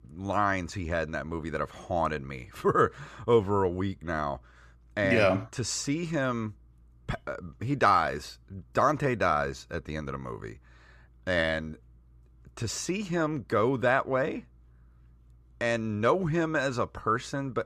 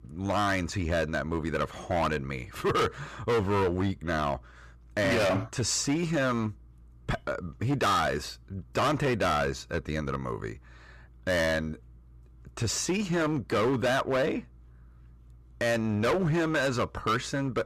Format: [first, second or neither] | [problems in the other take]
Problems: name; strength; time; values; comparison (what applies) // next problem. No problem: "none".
first | distortion; heavy; 12% of the sound clipped